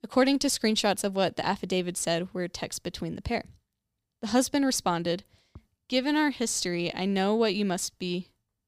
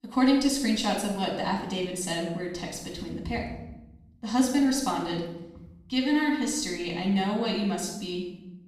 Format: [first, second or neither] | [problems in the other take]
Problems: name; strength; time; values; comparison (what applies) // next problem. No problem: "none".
first | off-mic speech; far // room echo; noticeable; dies away in 1 s